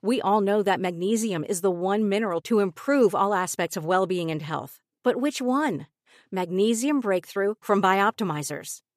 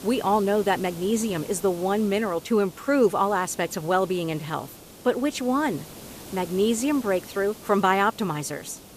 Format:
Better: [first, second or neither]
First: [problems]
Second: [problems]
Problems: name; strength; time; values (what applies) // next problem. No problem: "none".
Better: first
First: none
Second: hiss; noticeable; throughout; 15 dB below the speech